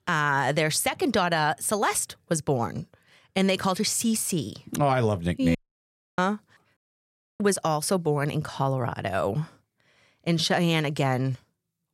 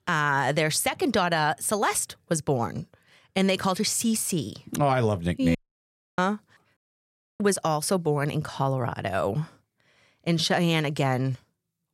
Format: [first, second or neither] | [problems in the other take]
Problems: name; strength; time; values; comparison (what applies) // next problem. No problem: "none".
neither | audio cutting out; at 5.5 s for 0.5 s and at 7 s for 0.5 s; the same in both